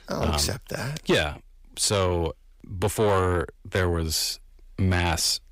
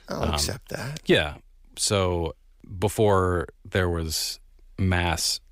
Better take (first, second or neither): second